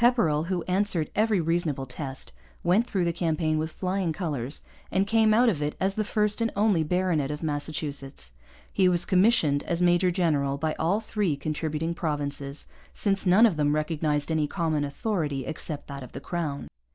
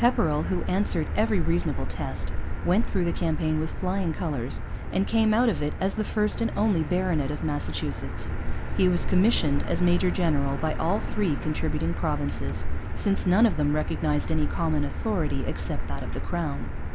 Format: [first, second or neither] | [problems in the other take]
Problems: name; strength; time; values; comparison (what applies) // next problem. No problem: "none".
first | background sound (Motor vehicle (road)); as loud as the speech